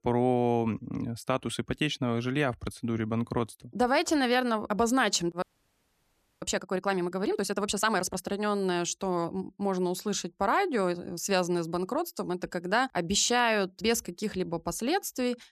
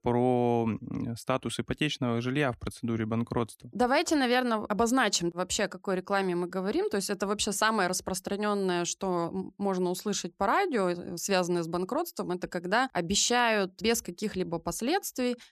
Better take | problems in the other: second | audio freezing; at 5.5 s for 1 s

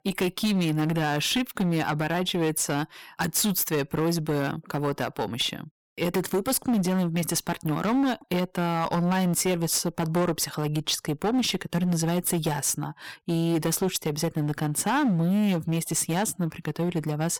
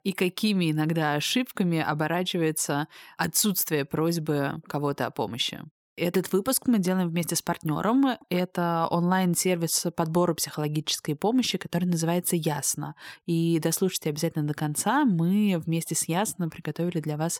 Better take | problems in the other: second | distortion; slight; 13% of the sound clipped

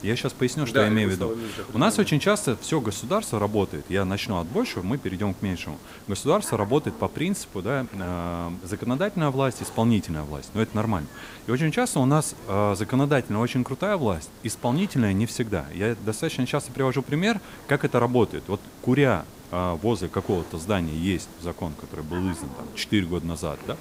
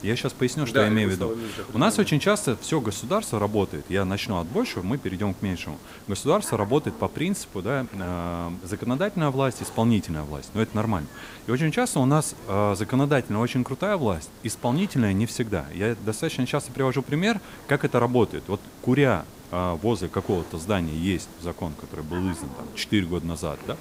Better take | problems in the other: neither | hiss; noticeable; throughout; 20 dB below the speech; the same in both

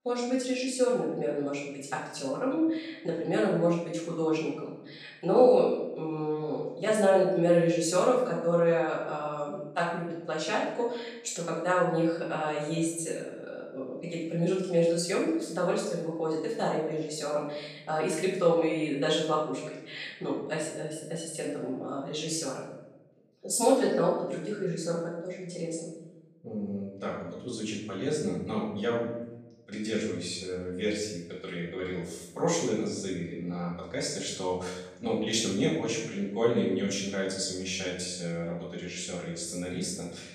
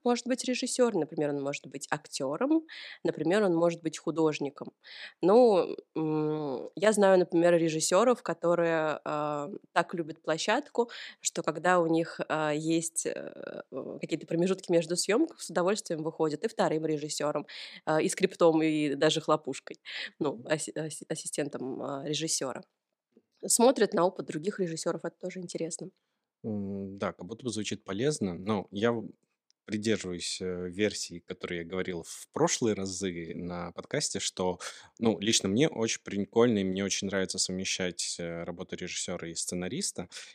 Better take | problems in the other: second | off-mic speech; far // room echo; noticeable; dies away in 0.8 s

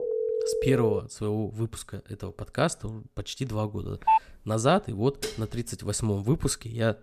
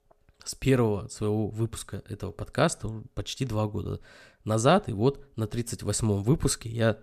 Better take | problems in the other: second | phone ringing; loud; until 1 s and at 4 s; peak 5 dB above the speech // clattering dishes; noticeable; at 5 s; peak 7 dB below the speech

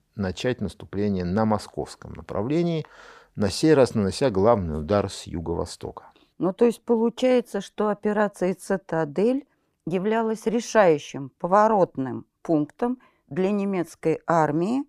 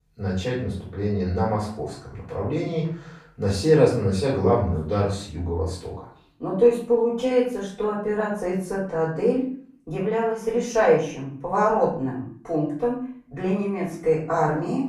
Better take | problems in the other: first | off-mic speech; far // room echo; noticeable; dies away in 0.4 s

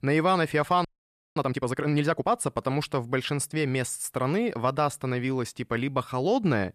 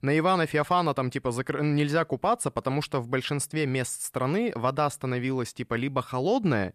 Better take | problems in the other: second | audio freezing; at 1 s for 0.5 s

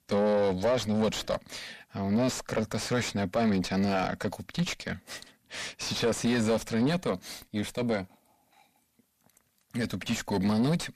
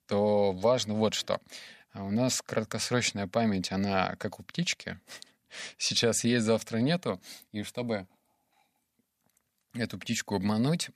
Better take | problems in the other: second | distortion; heavy; 6 dB below the speech

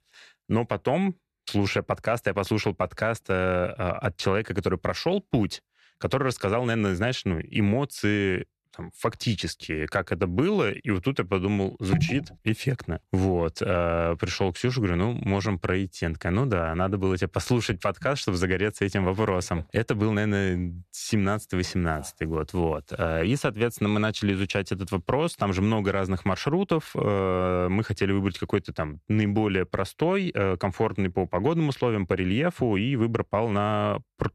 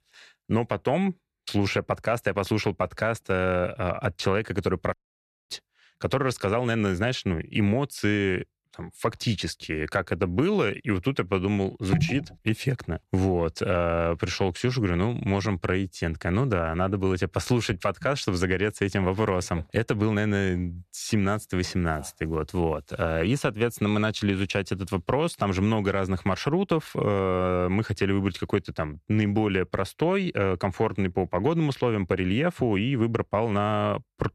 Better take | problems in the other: first | audio cutting out; at 5 s for 0.5 s

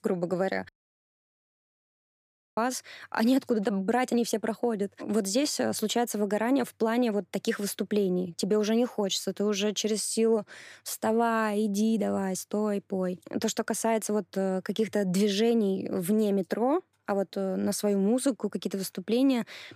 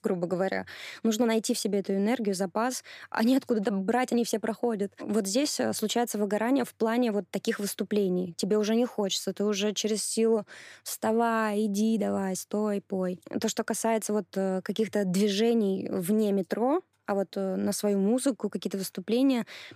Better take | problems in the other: second | audio cutting out; at 0.5 s for 2 s

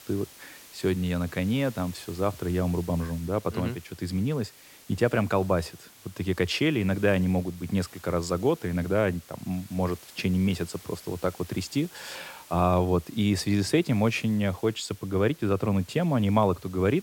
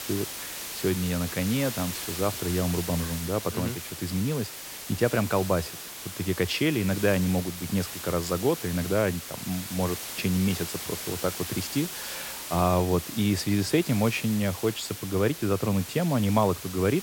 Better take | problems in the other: first | hiss; loud; throughout; 8 dB below the speech; faint in the first

